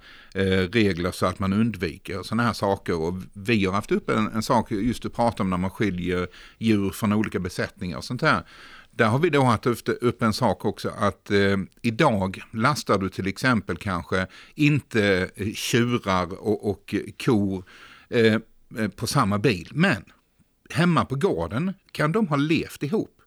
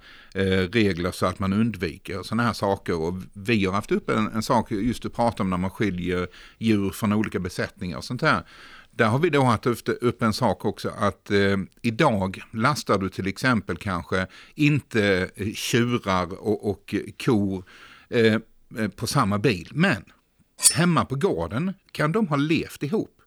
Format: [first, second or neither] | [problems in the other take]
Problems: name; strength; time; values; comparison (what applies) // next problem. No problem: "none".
first | clattering dishes; loud; at 21 s; peak 5 dB above the speech